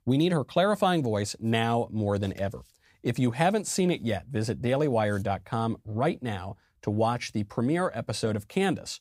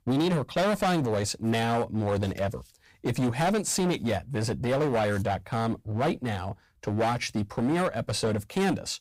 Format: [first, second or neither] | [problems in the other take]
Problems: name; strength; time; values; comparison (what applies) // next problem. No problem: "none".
first | distortion; heavy; 15% of the sound clipped